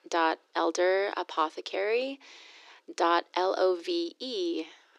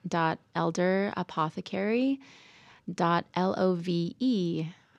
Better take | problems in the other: second | thin; very; fading below 300 Hz

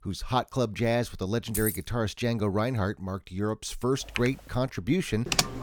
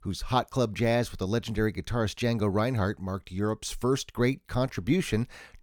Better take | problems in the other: second | jangling keys; noticeable; at 1.5 s; peak 2 dB below the speech // keyboard typing; noticeable; at 4 s; peak 7 dB below the speech // keyboard typing; very faint; at 5.5 s; peak 3 dB above the speech

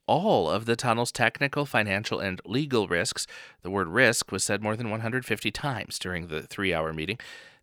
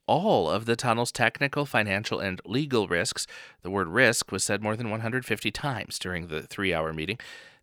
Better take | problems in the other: neither | none

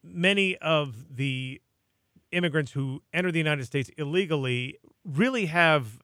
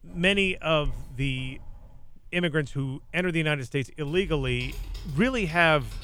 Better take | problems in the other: first | household noises; noticeable; throughout; 20 dB below the speech

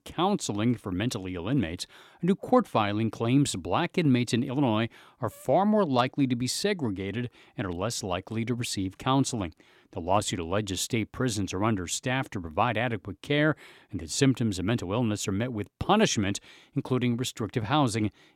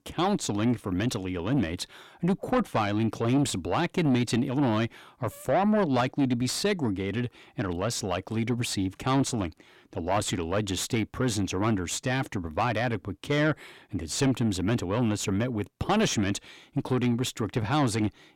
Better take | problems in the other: first | distortion; slight; 10 dB below the speech

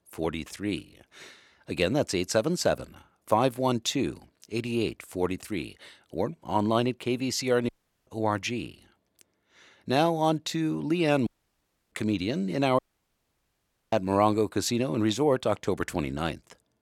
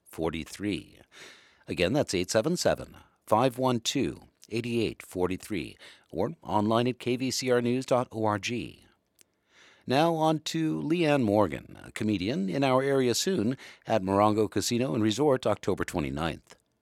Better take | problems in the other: second | audio cutting out; at 7.5 s, at 11 s for 0.5 s and at 13 s for 1 s

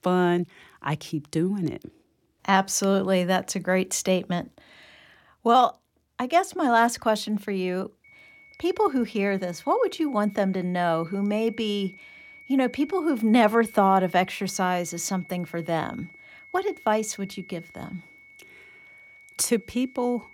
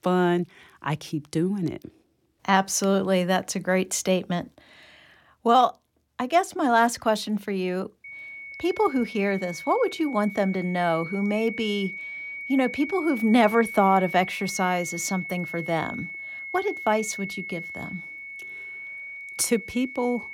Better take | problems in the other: first | high-pitched whine; loud; from 8 s on; 2 kHz, 10 dB below the speech; faint in the first

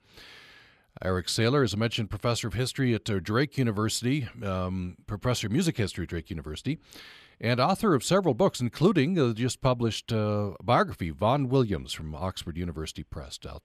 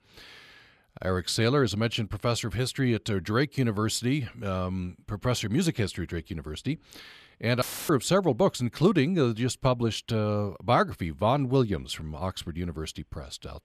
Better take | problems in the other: first | audio cutting out; filled with static; at 7.5 s

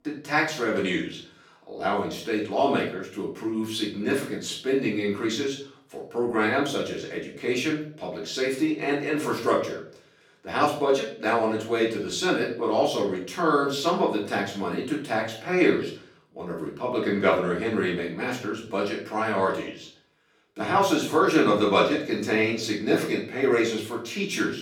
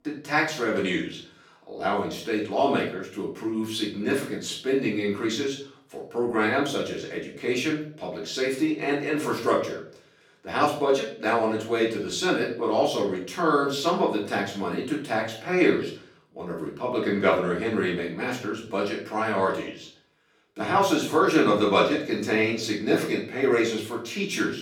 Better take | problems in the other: neither | room echo; slight; dies away in 0.5 s; the same in both // off-mic speech; far; the same in both

